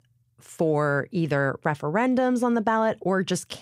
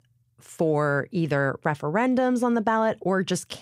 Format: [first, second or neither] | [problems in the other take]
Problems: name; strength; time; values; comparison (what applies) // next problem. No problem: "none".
neither | none